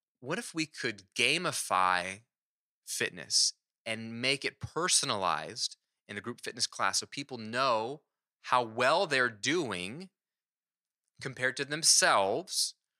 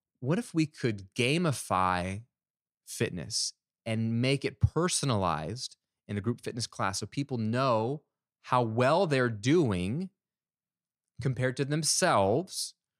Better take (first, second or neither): second